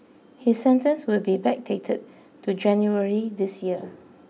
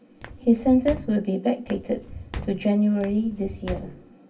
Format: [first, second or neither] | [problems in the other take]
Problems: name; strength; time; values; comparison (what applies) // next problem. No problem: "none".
first | background sound (Walk, footsteps); 13 dB below the speech // room echo; dies away in 0.2 s